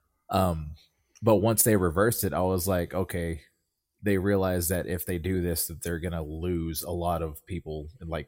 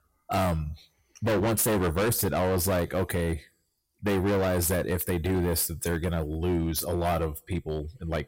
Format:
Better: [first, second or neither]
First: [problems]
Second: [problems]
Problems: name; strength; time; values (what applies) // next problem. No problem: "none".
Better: first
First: none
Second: distortion; heavy; 18% of the sound clipped